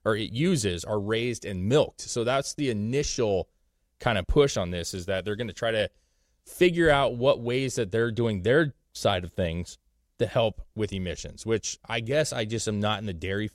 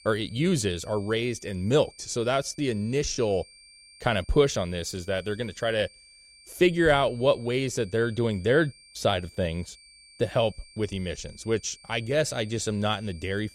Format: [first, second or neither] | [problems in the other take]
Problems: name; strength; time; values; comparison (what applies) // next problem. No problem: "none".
first | high-pitched whine; faint; throughout; 4.5 kHz, 25 dB below the speech